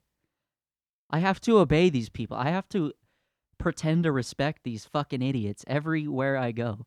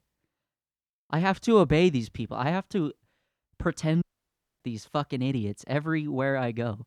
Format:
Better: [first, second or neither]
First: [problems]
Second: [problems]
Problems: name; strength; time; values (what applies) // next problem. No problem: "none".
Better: first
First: none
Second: audio cutting out; at 4 s for 0.5 s